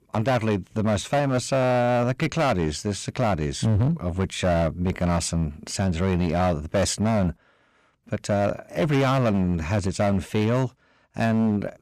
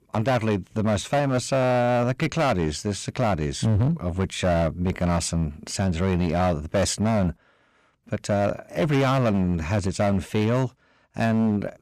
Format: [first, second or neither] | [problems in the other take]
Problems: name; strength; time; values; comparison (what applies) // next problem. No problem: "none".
neither | distortion; slight; 15% of the sound clipped; the same in both